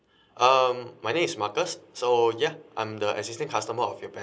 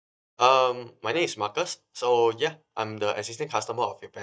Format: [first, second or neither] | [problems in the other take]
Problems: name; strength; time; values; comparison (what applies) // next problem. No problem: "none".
first | noise reduction (neural mask model DeepFilterNet 3)